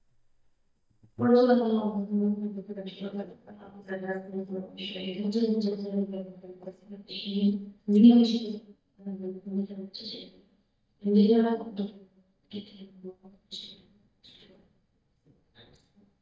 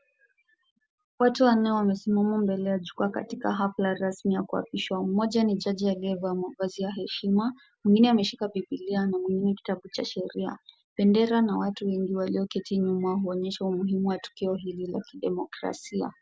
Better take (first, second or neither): second